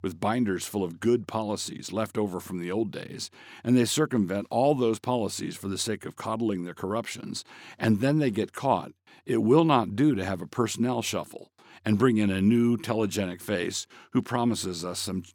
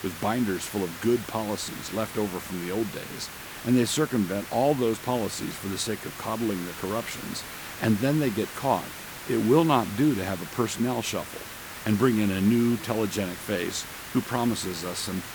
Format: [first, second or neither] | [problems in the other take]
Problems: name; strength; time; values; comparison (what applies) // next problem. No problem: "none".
first | hiss; noticeable; throughout; 10 dB below the speech